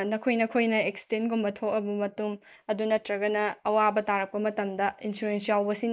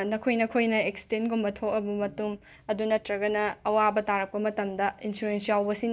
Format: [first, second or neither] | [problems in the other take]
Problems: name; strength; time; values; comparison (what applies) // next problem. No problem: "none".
second | noise reduction (neural mask model Resemble Enhance denoiser)